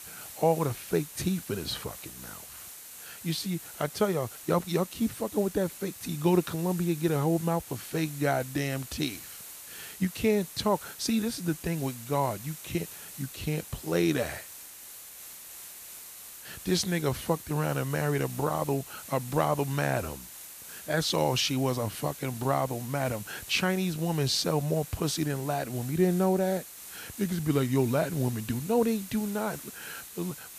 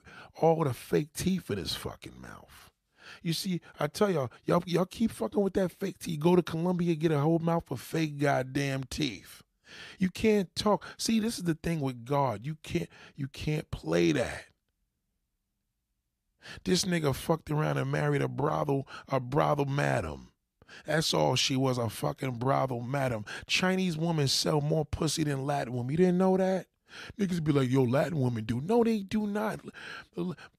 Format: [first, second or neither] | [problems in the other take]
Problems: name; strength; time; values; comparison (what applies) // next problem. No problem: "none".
second | hiss; noticeable; throughout; 15 dB below the speech